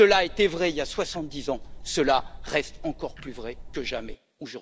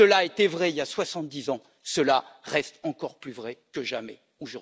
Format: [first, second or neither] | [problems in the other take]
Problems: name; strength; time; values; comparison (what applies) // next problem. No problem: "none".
second | background sound (Tick-tock); 12 dB below the speech